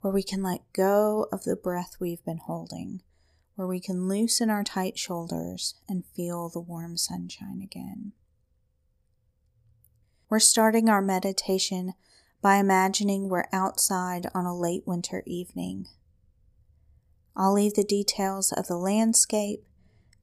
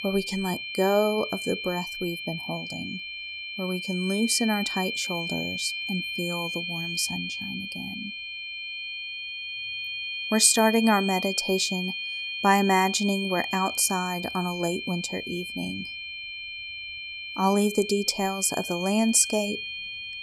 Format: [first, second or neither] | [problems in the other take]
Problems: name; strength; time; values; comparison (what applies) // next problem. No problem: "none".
first | high-pitched whine; loud; throughout; 2.5 kHz, 6 dB below the speech